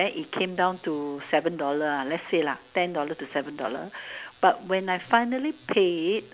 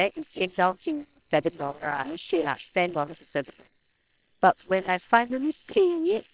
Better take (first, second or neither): first